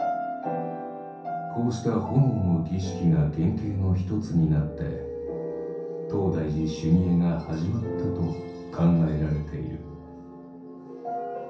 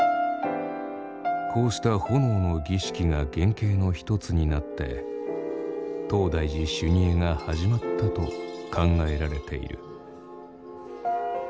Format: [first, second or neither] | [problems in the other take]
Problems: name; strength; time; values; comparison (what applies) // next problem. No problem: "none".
second | room echo; dies away in 0.6 s